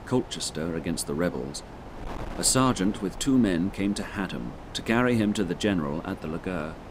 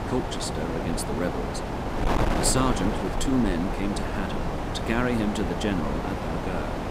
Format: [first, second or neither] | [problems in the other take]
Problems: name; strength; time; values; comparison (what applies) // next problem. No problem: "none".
first | wind noise on the microphone; heavy; as loud as the speech; occasional gusts in the first